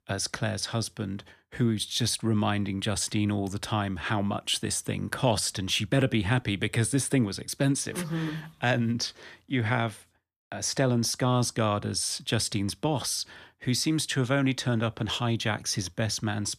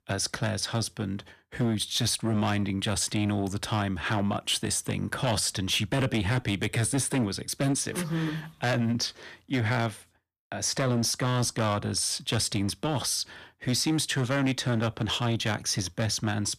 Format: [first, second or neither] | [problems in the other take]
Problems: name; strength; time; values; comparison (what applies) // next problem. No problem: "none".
first | distortion; slight; 8% of the sound clipped